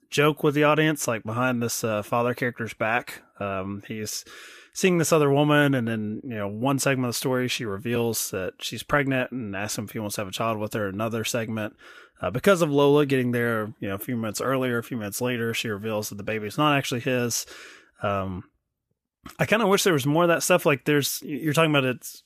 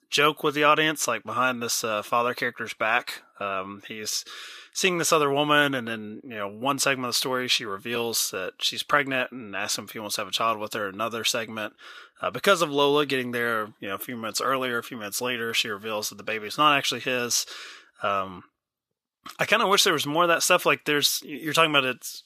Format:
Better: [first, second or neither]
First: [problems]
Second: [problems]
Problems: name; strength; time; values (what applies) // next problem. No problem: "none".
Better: first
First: none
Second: thin; somewhat; fading below 500 Hz